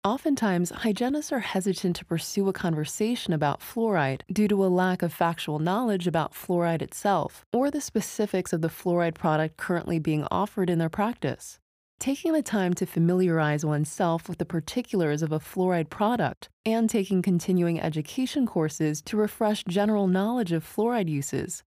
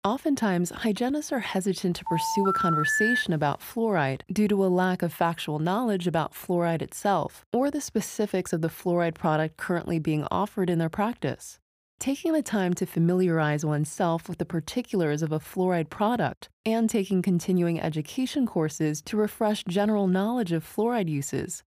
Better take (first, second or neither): first